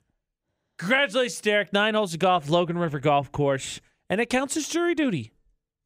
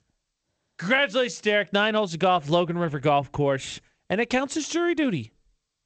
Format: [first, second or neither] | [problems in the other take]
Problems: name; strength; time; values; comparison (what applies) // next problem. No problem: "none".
first | garbled, watery; slightly; nothing above 8 kHz